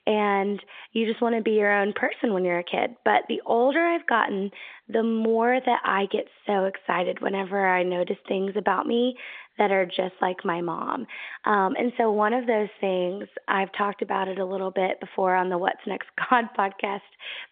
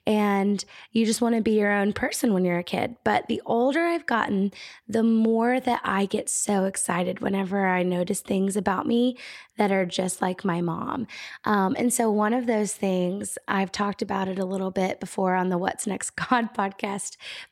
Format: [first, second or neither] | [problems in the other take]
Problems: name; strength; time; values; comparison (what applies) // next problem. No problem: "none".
second | phone-call audio; nothing above 3.5 kHz